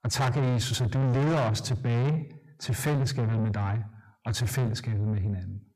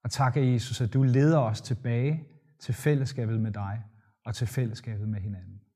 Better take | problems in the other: second | distortion; heavy; 6 dB below the speech

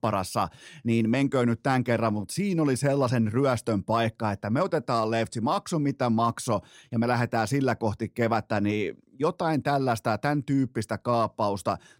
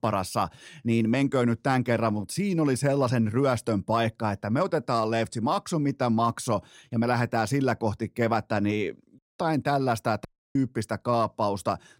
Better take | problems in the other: first | audio cutting out; at 9 s and at 10 s

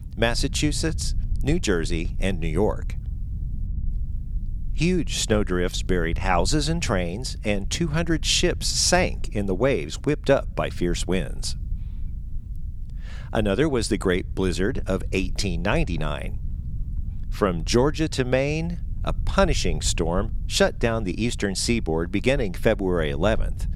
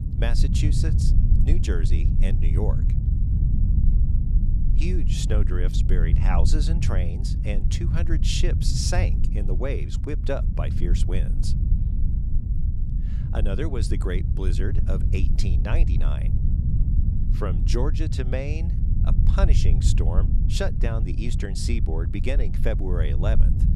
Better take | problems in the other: first | low rumble; loud; throughout; 6 dB below the speech; faint in the first

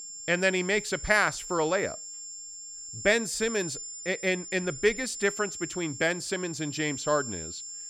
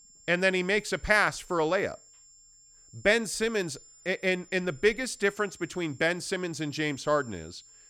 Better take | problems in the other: second | high-pitched whine; loud; throughout; 7.5 kHz, 9 dB below the speech; faint in the second

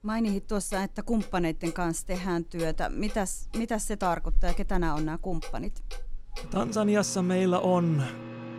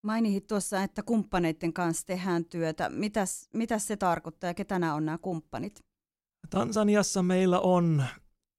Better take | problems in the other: second | household noises; noticeable; throughout; 10 dB below the speech

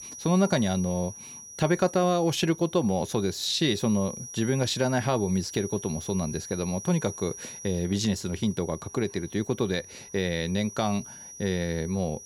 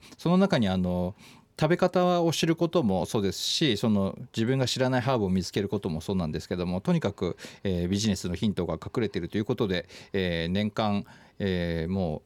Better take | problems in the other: second | high-pitched whine; noticeable; throughout; 6 kHz, 15 dB below the speech

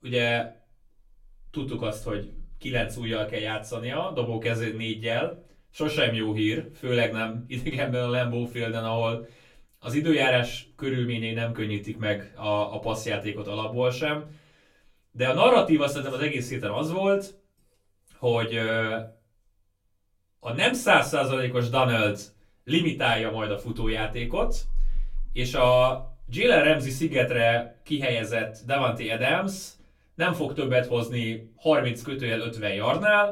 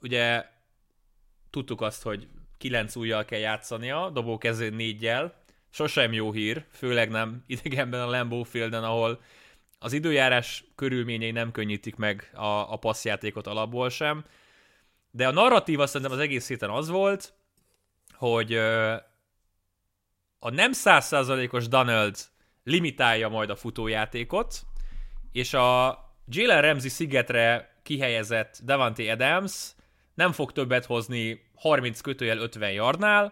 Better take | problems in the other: second | off-mic speech; far // room echo; very slight; dies away in 0.3 s

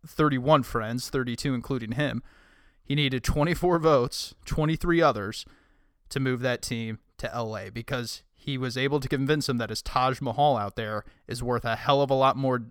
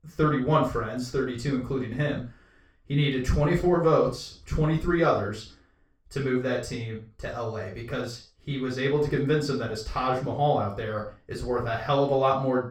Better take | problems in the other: first | room echo; noticeable; dies away in 0.3 s // off-mic speech; far

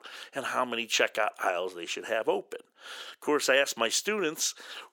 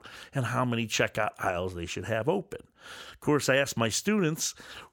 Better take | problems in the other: second | thin; somewhat; fading below 350 Hz

